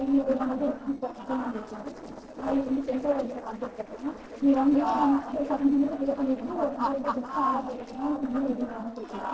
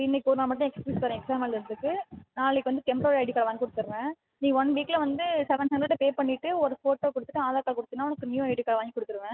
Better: second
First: noise reduction (neural separator model SepFormer DNS4)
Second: none

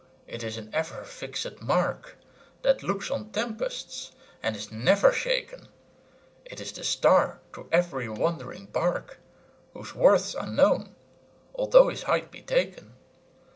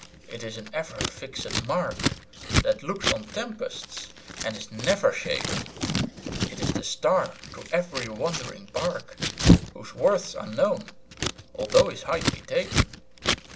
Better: first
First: none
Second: background sound (Scissors); as loud as the speech

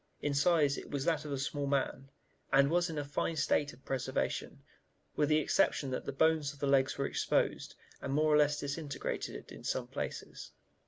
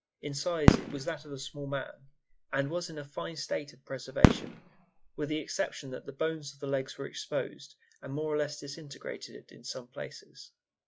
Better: first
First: none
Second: noise reduction (classical method log-MMSE)

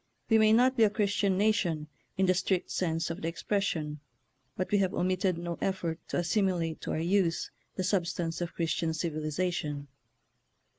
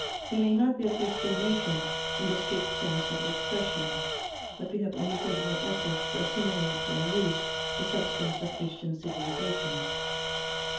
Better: first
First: none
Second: background sound (Tools); 1 dB below the speech // room echo; dies away in 0.5 s

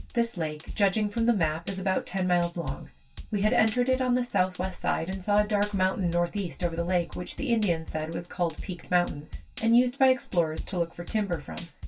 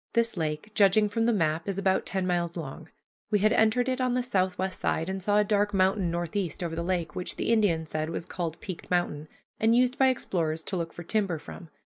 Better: second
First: background sound (Drum kit); 14 dB below the speech // room echo; dies away in 0.1 s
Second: none

